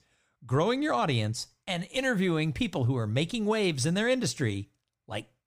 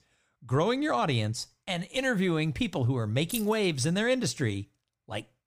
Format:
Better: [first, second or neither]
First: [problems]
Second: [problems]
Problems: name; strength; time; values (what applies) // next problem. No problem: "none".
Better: first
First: none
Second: jangling keys; noticeable; at 3.5 s; peak 9 dB below the speech